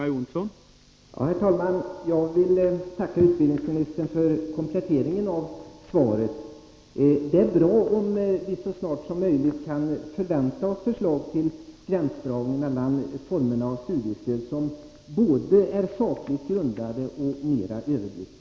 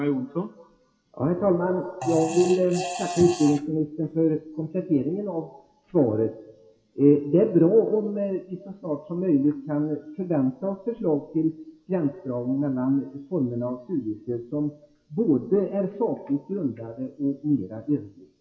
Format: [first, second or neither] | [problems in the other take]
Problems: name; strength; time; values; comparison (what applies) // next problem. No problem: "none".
first | noise reduction (classical method WPE with log-MMSE)